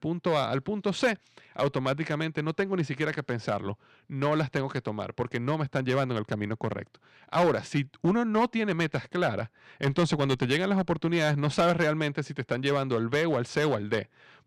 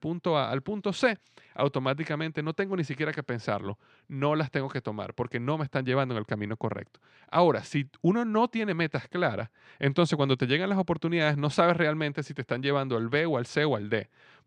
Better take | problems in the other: second | distortion; slight; 3% of the sound clipped

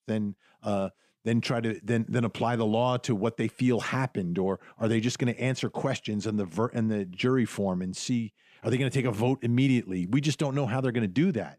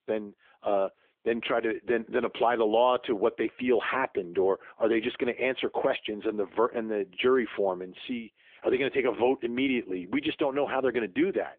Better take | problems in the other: first | phone-call audio; nothing above 3.5 kHz

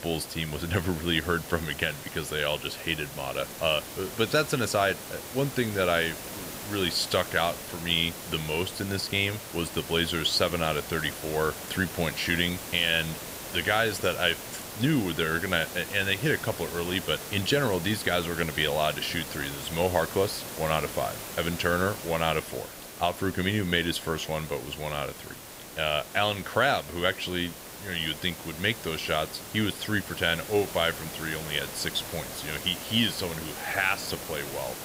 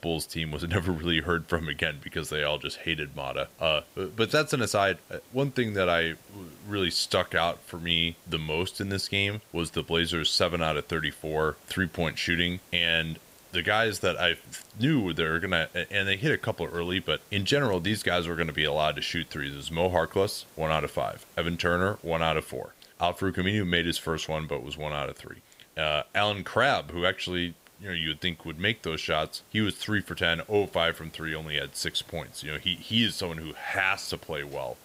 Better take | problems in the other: second | hiss; loud; throughout; 10 dB below the speech; faint in the second

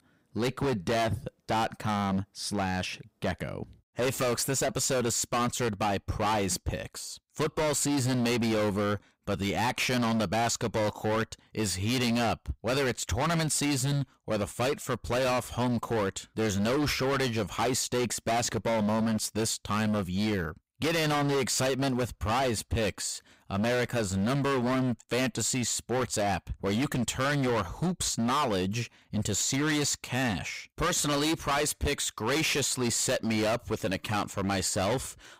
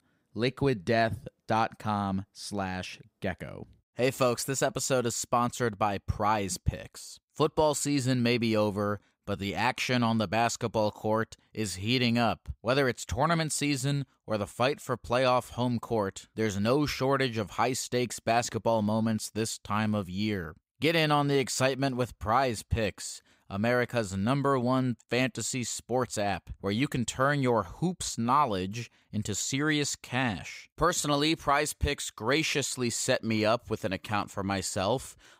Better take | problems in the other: second | distortion; heavy; 24% of the sound clipped

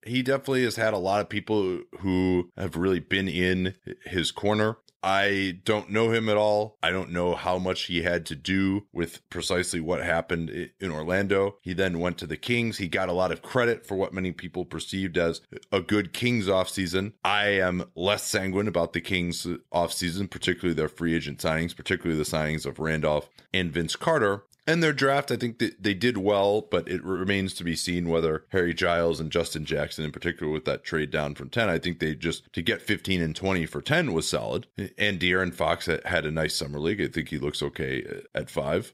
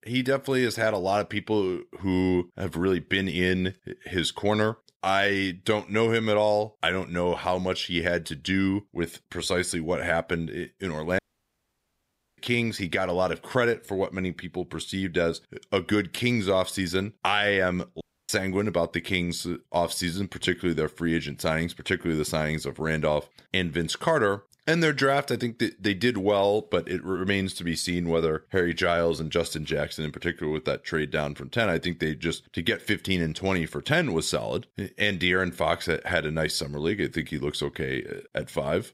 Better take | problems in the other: first | audio cutting out; at 11 s for 1 s and at 18 s

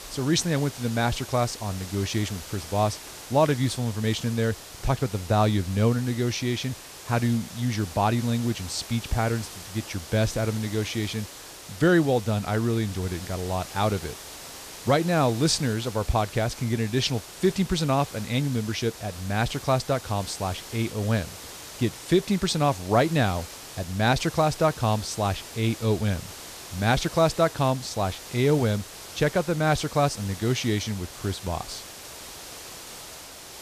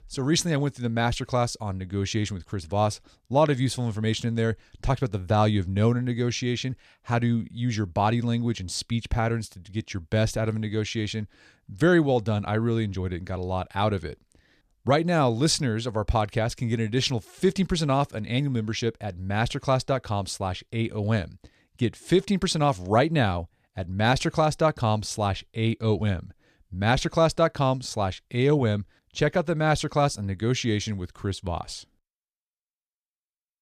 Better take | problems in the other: second | hiss; noticeable; throughout; 15 dB below the speech

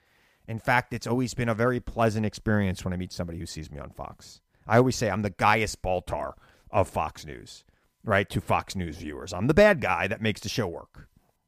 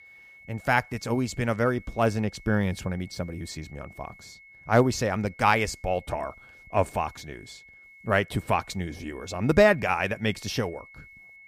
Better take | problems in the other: first | high-pitched whine; faint; throughout; 2 kHz, 25 dB below the speech

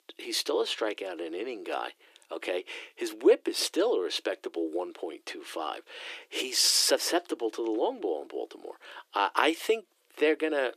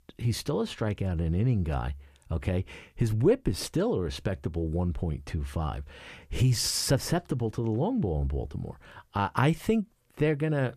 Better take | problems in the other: second | thin; very; fading below 300 Hz

